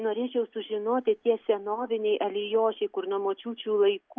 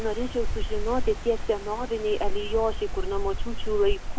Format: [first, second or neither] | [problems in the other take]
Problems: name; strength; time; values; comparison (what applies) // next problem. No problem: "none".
first | background sound (Wind); 1 dB above the speech